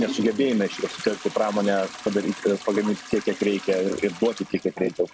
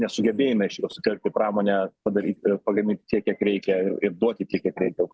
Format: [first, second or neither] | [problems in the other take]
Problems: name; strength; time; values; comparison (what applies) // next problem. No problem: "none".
second | background sound (Trickle, dribble / Toilet flush / Hiss); 14 dB below the speech